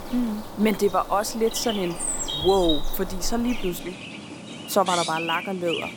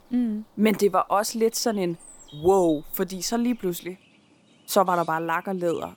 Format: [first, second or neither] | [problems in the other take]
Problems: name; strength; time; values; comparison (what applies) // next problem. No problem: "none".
second | animal sounds; loud; throughout; 6 dB below the speech; faint in the second